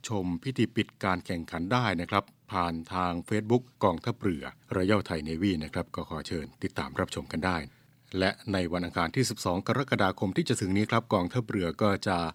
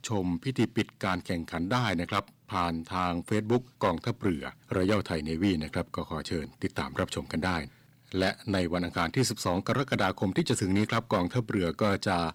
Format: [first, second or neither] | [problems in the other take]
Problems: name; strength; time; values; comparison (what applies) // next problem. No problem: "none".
first | distortion; slight; 2% of the sound clipped